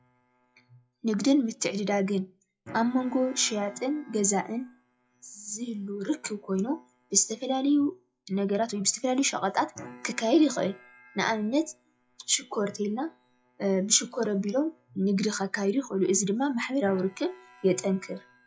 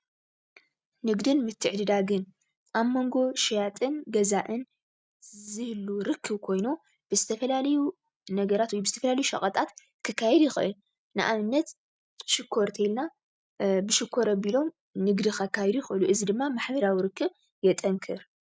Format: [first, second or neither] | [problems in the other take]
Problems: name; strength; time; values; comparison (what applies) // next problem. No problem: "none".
second | noise reduction (classical method WPE with log-MMSE)